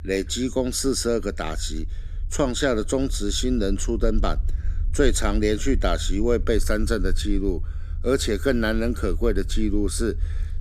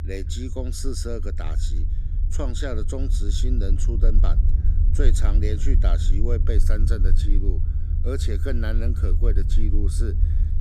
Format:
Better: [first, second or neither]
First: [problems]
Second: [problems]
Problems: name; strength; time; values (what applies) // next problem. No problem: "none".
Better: first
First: low rumble; faint; throughout; 25 dB below the speech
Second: low rumble; loud; throughout; 8 dB below the speech